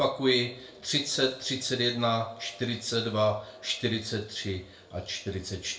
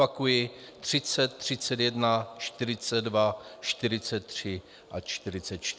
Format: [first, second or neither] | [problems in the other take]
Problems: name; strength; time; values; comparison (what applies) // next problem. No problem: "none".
second | room echo; dies away in 0.3 s